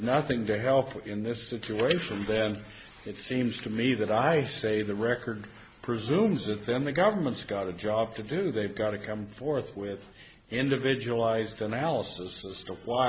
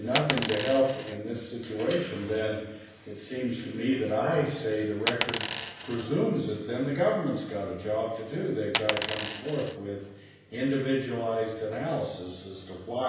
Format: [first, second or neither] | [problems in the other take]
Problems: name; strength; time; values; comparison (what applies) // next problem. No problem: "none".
first | background sound (Coin (dropping)); 3 dB below the speech // room echo; dies away in 0.9 s